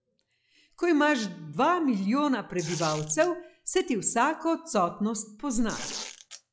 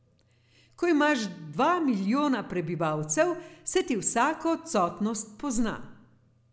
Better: second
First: noise reduction (classical method log-MMSE)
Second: none

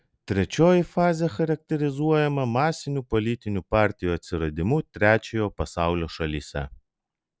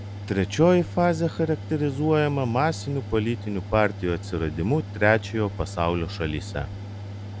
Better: first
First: none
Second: background sound (Mechanical fan); 10 dB below the speech

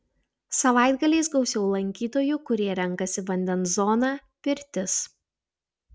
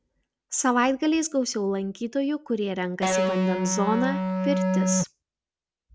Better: first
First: none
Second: background sound (Electric guitar); 2 dB above the speech

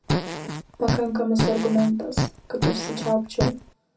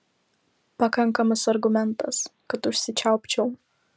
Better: second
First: background sound (Fart); 2 dB below the speech // room echo; dies away in 0.3 s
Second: none

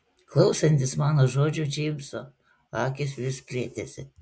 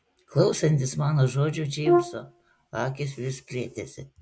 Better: first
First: none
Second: background sound (Brass instrument); as loud as the speech

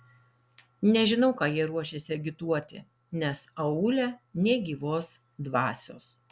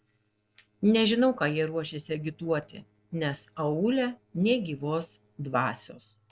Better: first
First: none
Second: noise reduction (neural separator model SepFormer DNS4)

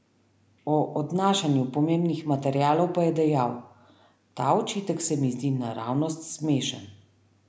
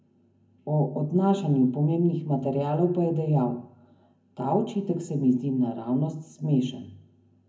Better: first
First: none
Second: room echo; dies away in 0.3 s

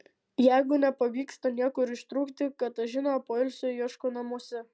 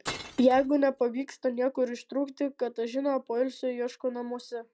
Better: first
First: none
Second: background sound (Glass); 12 dB below the speech

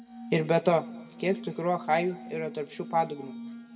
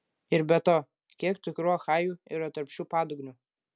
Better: second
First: background sound (Glass); 13 dB below the speech // room echo; dies away in 0.9 s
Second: none

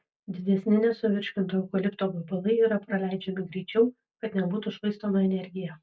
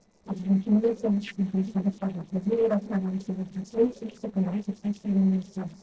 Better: first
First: none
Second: noise reduction (neural separator model SepFormer DNS4)

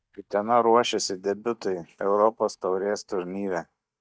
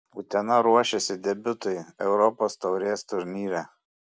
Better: second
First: noise reduction (neural mask model DeepFilterNet 3)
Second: none

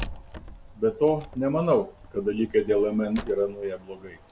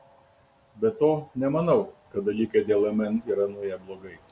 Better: second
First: background sound (Wood); 16 dB below the speech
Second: none

